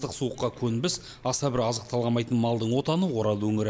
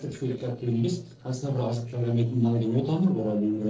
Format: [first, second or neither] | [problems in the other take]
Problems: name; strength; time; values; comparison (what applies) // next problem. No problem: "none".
first | noise reduction (neural separator model SepFormer DNS4)